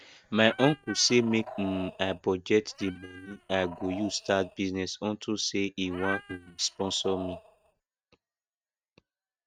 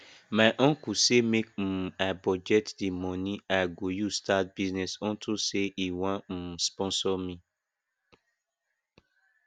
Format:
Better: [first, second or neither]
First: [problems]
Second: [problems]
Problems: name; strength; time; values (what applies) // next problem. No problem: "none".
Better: second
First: noise reduction (neural mask model RNNoise)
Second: none